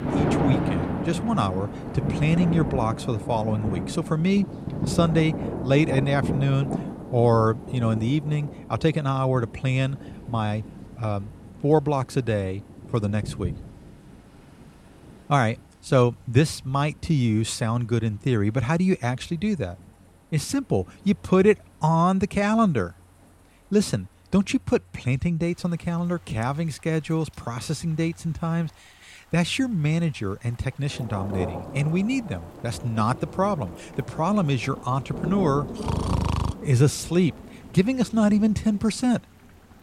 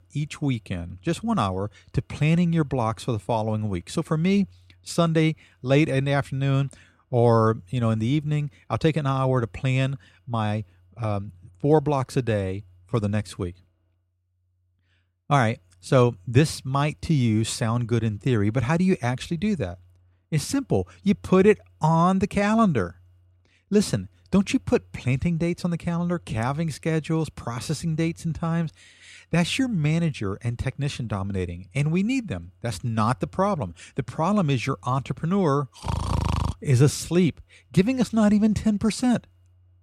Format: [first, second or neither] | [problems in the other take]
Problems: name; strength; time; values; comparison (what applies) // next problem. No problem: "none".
second | rain or running water; loud; throughout; 8 dB below the speech